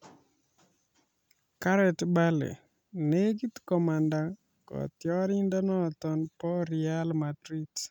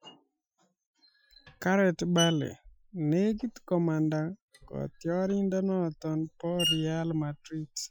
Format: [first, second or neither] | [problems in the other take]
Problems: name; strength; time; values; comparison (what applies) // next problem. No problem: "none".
first | noise reduction (classical method Wiener filter)